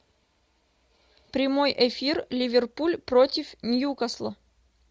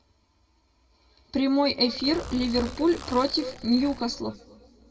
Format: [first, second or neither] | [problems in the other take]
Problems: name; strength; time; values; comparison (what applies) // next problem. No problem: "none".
first | background sound (Zipper (clothing)); 14 dB below the speech // room echo; dies away in 2 s